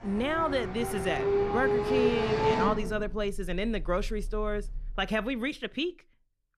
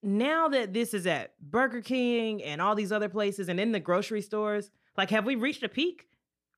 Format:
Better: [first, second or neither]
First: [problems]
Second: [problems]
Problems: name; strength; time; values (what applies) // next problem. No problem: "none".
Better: second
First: traffic noise; very loud; until 4.5 s; 1 dB above the speech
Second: none